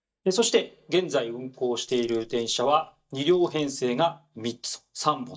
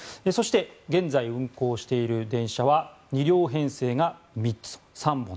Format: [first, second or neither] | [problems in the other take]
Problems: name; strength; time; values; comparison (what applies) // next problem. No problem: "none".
second | noise reduction (neural mask model DeepFilterNet 3)